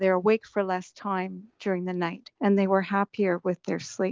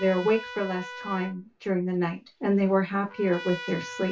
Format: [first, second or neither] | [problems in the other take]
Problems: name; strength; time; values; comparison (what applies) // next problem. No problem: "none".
first | background sound (Trumpet); 14 dB below the speech // room echo; dies away in 0.2 s